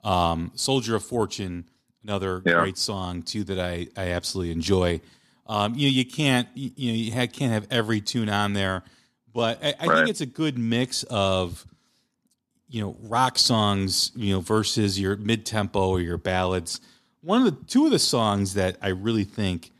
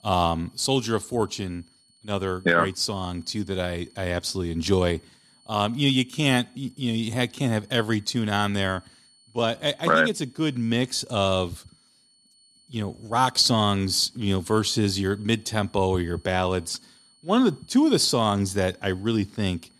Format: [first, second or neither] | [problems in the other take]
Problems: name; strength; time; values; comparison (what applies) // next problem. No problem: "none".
first | high-pitched whine; faint; throughout; 4.5 kHz, 30 dB below the speech